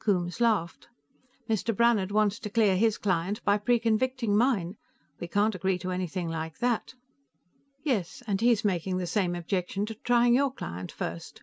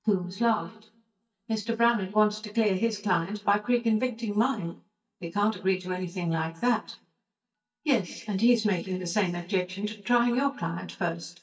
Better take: first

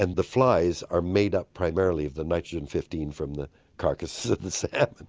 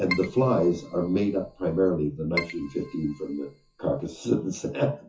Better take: first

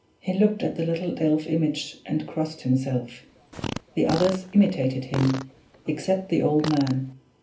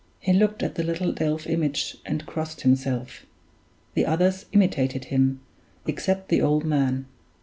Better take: second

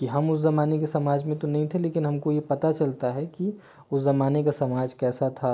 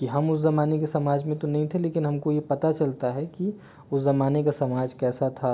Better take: second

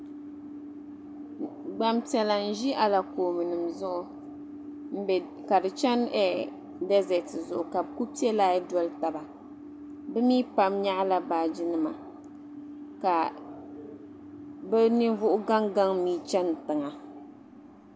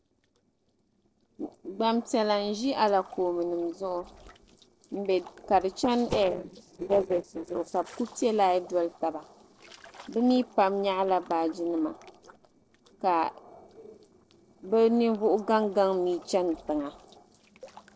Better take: first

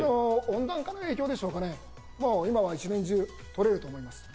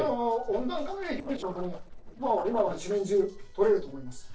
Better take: first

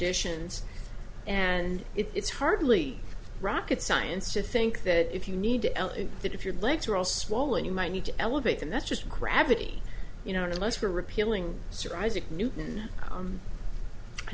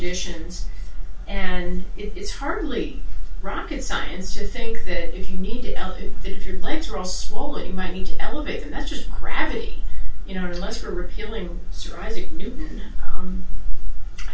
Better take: first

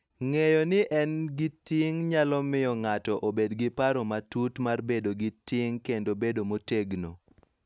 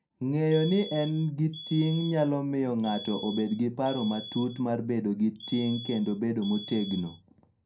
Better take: first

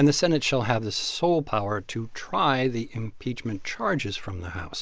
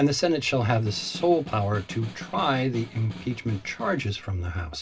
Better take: first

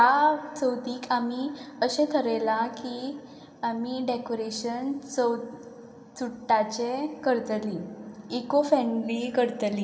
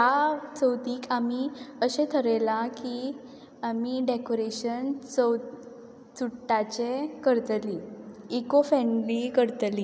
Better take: second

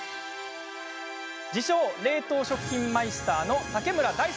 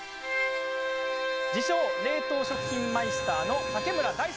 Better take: first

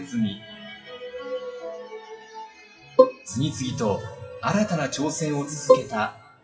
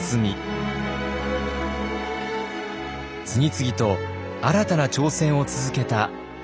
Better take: second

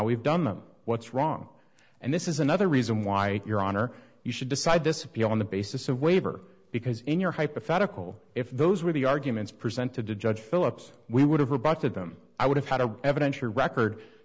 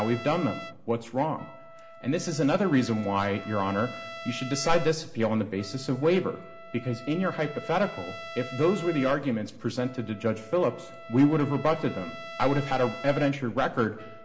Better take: first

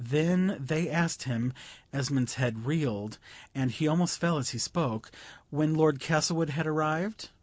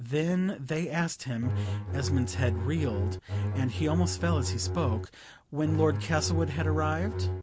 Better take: first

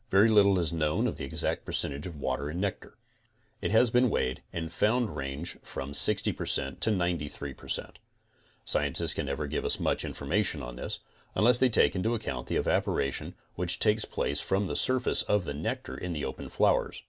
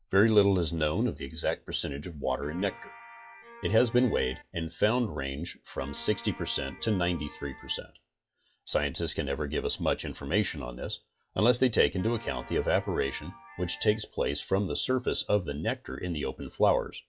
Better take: first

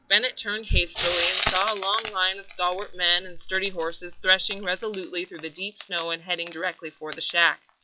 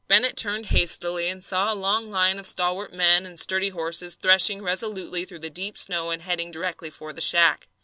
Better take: second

